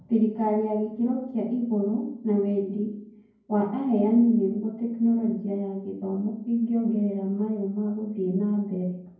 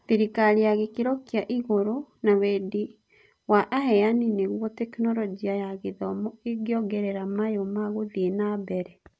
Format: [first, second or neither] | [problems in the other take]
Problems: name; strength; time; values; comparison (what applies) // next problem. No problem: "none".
second | room echo; dies away in 0.9 s